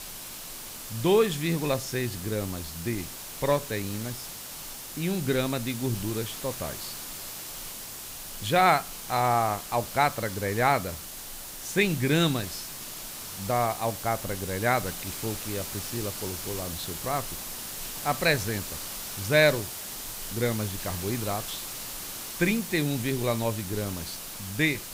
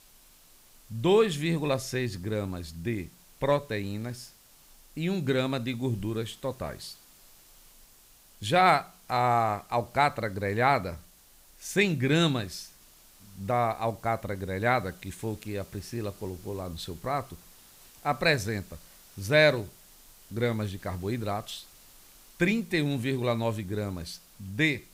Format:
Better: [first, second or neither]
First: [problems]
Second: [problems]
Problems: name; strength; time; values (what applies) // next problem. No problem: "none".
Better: second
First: hiss; loud; throughout; 8 dB below the speech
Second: hiss; faint; throughout; 25 dB below the speech